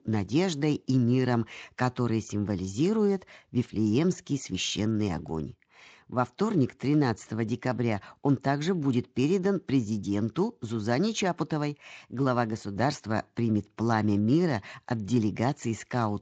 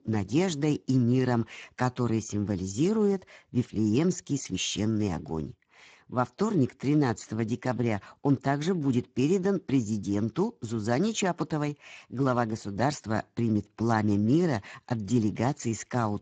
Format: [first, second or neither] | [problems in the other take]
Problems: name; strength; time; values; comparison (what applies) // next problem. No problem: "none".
first | garbled, watery; badly; nothing above 7.5 kHz; slightly in the first